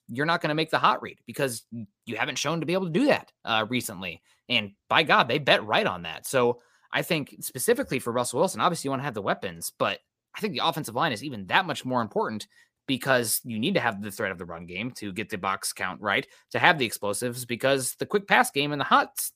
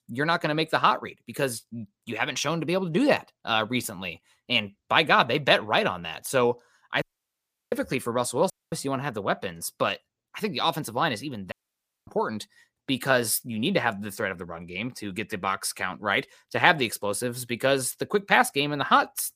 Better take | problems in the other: first | audio cutting out; at 7 s for 0.5 s, at 8.5 s and at 12 s for 0.5 s

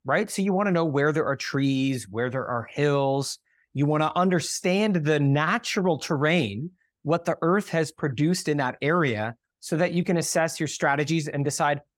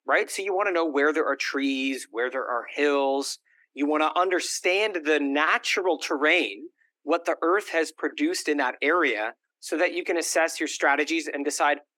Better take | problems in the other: first | thin; somewhat; fading below 300 Hz

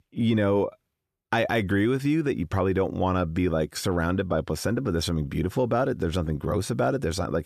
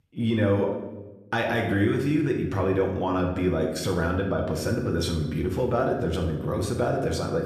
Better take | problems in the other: first | room echo; noticeable; dies away in 0.8 s // off-mic speech; somewhat distant

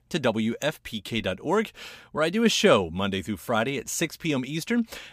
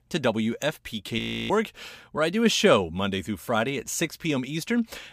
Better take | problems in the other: first | audio freezing; at 1 s

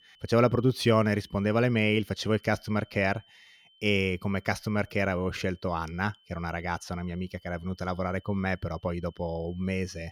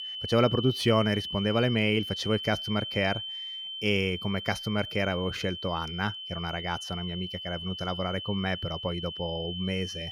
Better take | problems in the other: first | high-pitched whine; loud; throughout; 3 kHz, 6 dB below the speech; faint in the first

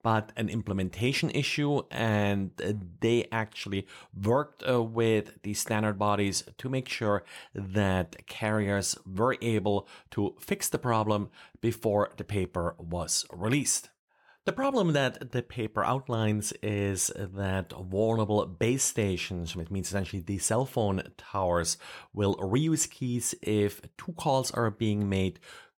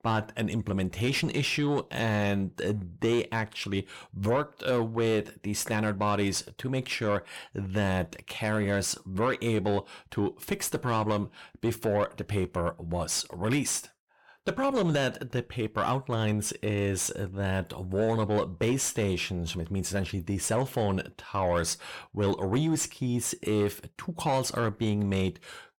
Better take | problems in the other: first | distortion; slight; 10 dB below the speech

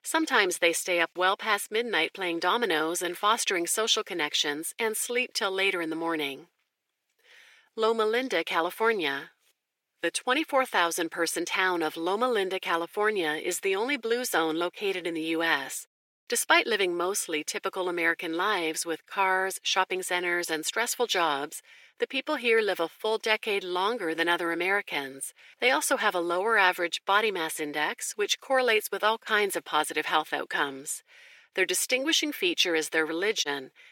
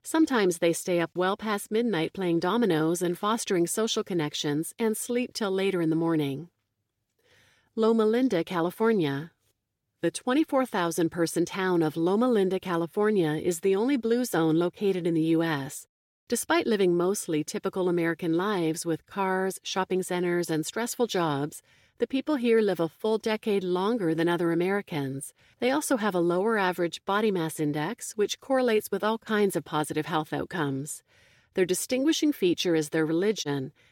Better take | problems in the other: second | thin; very; fading below 550 Hz

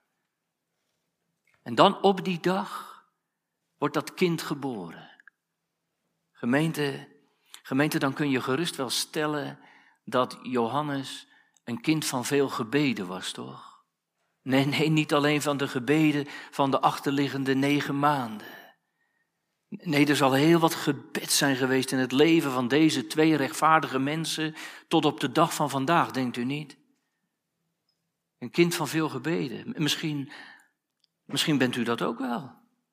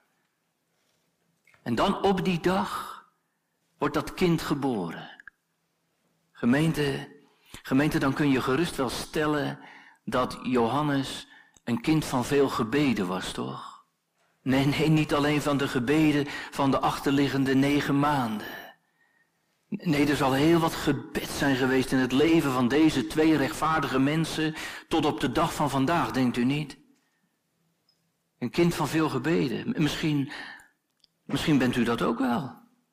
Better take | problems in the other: first | distortion; heavy; 5 dB below the speech

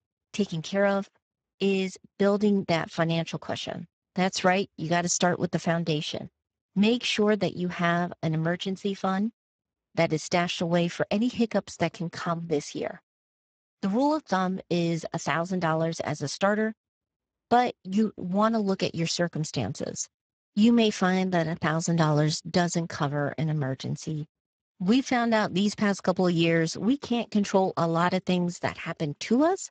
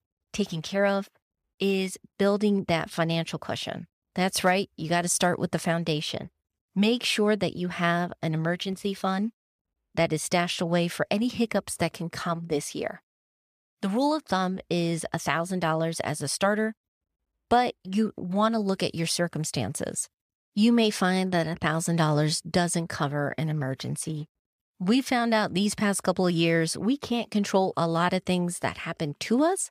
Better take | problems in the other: second | garbled, watery; badly; nothing above 7.5 kHz

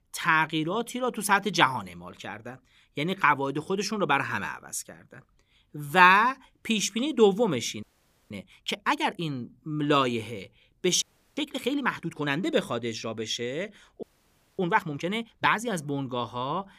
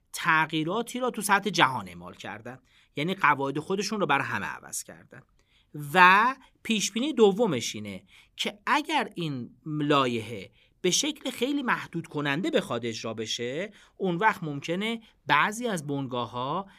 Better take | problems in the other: second | audio freezing; at 8 s, at 11 s and at 14 s for 0.5 s

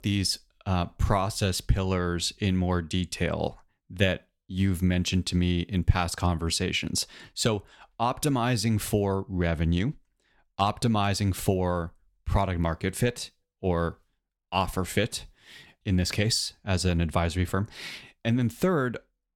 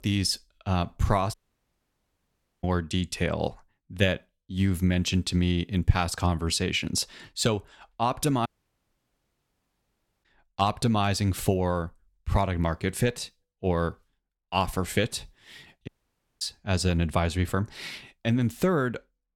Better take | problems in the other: first | audio cutting out; at 1.5 s for 1.5 s, at 8.5 s for 2 s and at 16 s for 0.5 s

